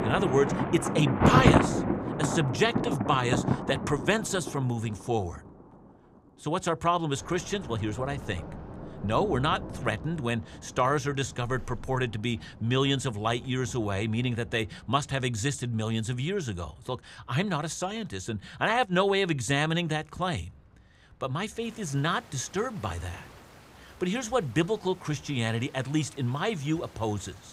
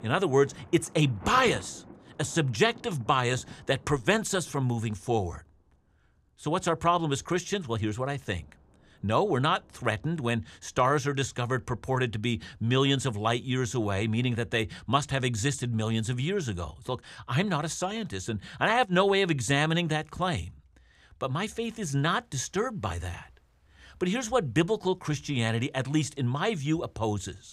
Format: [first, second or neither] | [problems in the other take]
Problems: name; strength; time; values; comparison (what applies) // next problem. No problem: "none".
second | rain or running water; loud; throughout; 1 dB below the speech; faint in the second